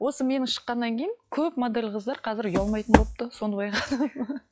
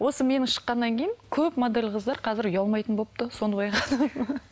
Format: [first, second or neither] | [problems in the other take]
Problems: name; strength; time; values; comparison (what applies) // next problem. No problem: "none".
second | noise reduction (classical method log-MMSE)